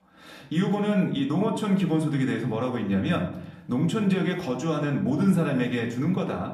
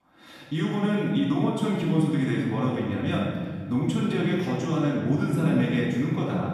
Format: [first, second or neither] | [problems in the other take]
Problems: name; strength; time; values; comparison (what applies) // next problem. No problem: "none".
first | room echo; strong; dies away in 1.6 s; slight in the first // off-mic speech; far; far in the first